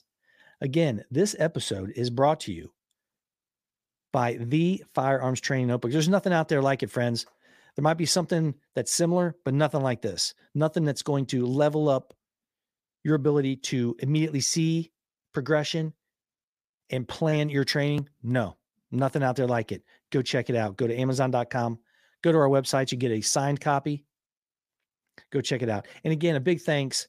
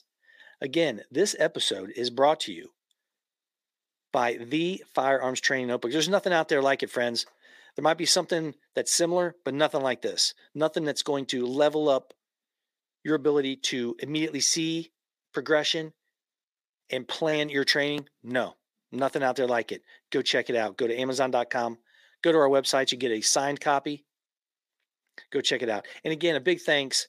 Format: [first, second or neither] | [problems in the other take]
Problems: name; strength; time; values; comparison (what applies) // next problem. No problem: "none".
first | thin; somewhat; fading below 350 Hz